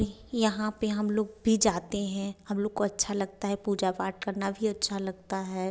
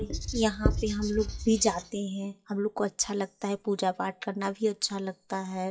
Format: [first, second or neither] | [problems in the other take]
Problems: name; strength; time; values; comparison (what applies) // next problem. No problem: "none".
first | noise reduction (classical method WPE with log-MMSE)